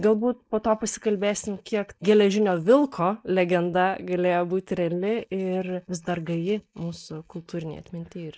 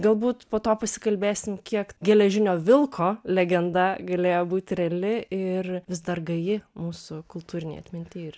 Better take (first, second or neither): second